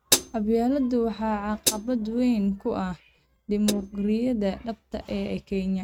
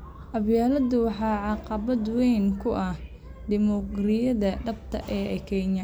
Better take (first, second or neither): second